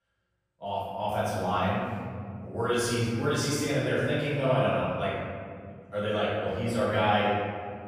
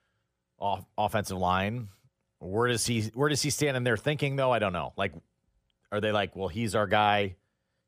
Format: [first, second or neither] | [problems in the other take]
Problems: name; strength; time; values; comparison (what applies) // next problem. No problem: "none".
second | room echo; strong; dies away in 2 s // off-mic speech; far